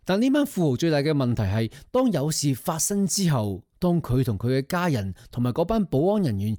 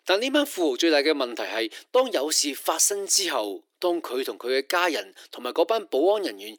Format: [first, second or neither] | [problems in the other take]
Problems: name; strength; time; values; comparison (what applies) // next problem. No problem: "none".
first | thin; very; fading below 300 Hz